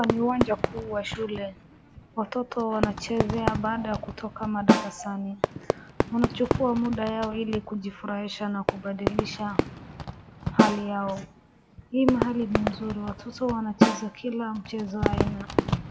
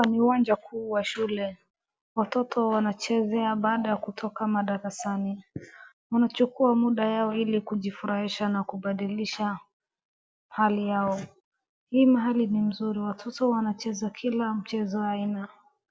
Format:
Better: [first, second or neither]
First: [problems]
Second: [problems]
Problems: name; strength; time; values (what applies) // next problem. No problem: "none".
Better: second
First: background sound (Fireworks + Snare drum); as loud as the speech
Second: none